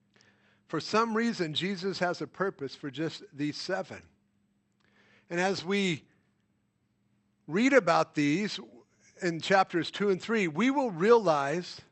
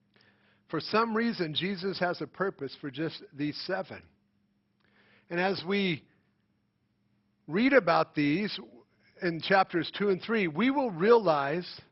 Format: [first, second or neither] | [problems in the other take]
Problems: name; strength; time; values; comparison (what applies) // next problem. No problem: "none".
first | garbled, watery; badly; nothing above 5.5 kHz; slightly in the first